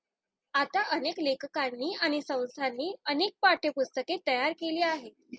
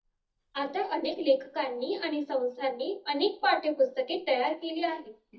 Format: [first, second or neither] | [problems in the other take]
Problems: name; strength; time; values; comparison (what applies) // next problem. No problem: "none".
first | noise reduction (neural mask model DeepFilterNet 3)